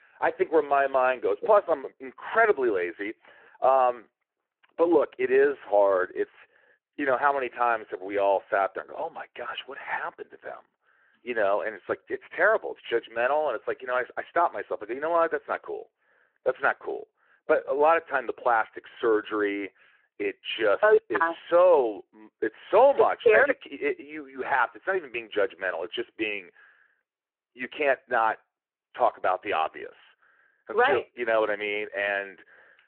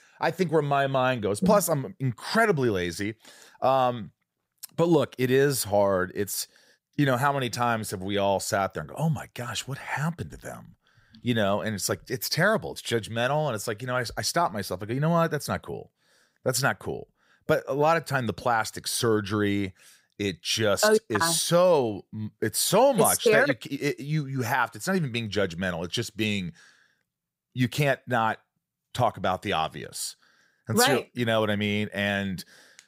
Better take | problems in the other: second | phone-call audio

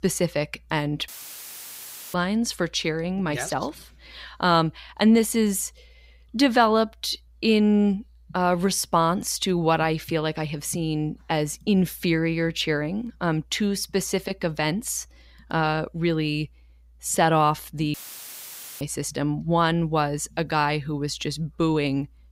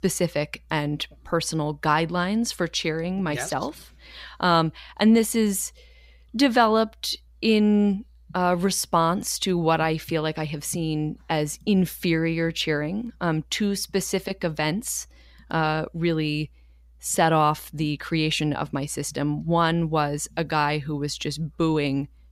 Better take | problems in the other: second | audio cutting out; filled with static; at 1 s for 1 s and at 18 s for 1 s

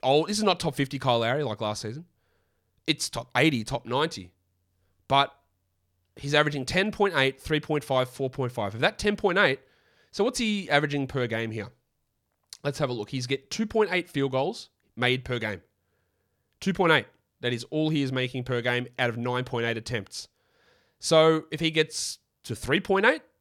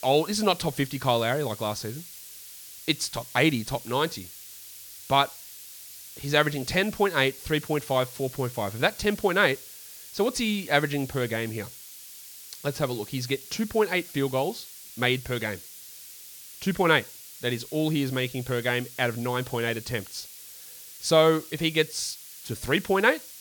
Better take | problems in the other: first | hiss; noticeable; throughout; 15 dB below the speech

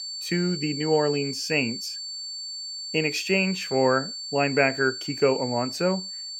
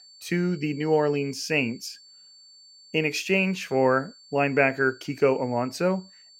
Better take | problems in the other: second | high-pitched whine; loud; throughout; 4.5 kHz, 7 dB below the speech; faint in the second

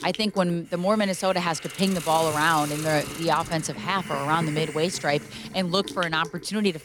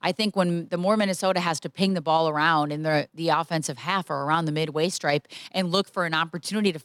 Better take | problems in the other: second | hiss; noticeable; throughout; 10 dB below the speech

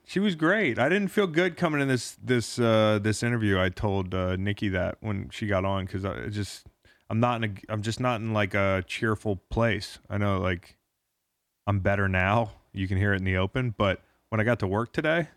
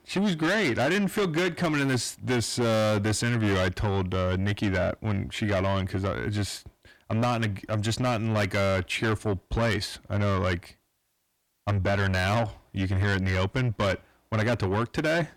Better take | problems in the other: first | distortion; heavy; 7 dB below the speech

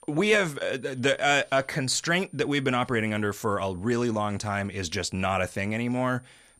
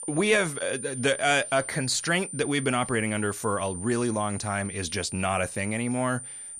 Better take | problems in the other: first | high-pitched whine; loud; throughout; 9 kHz, 9 dB below the speech; faint in the first

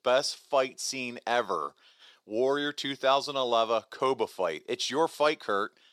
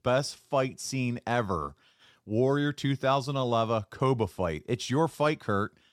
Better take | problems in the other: second | thin; somewhat; fading below 450 Hz

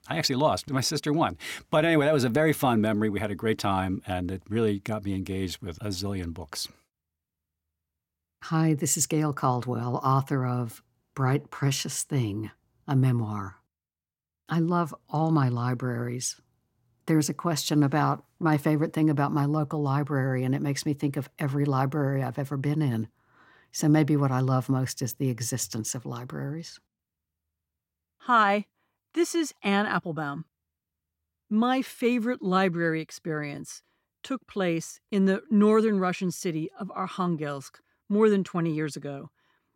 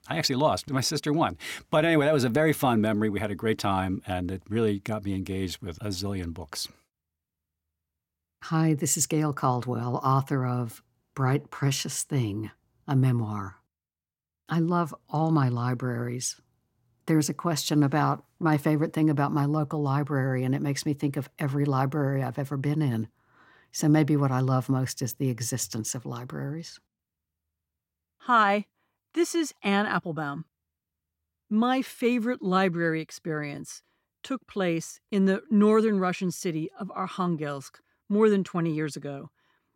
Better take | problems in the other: neither | none

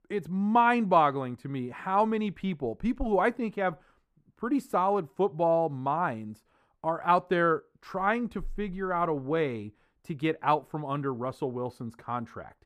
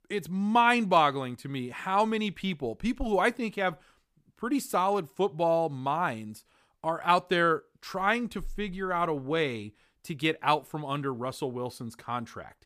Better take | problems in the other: second | muffled; slightly; fading above 2 kHz

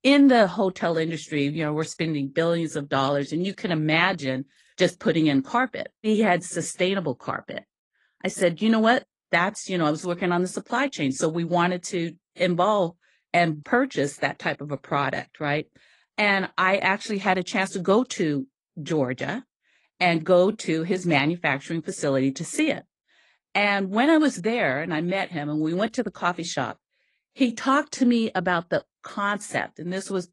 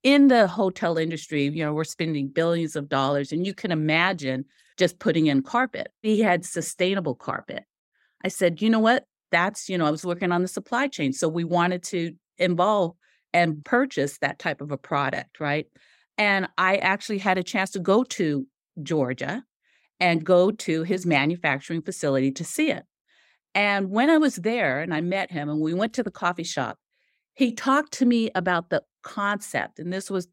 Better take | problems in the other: second | garbled, watery; slightly; nothing above 10.5 kHz

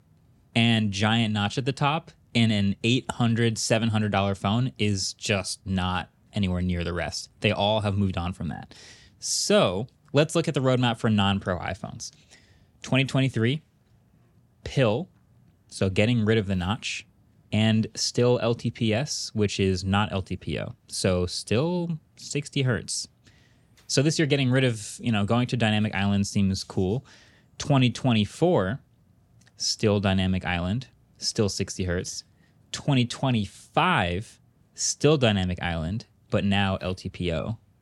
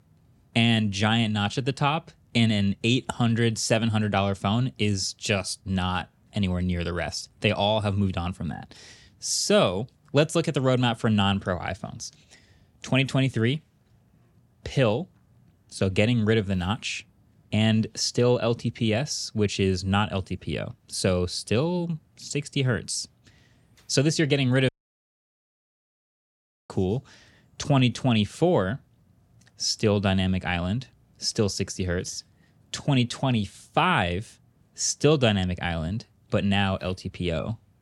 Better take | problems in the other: first | audio cutting out; at 25 s for 2 s

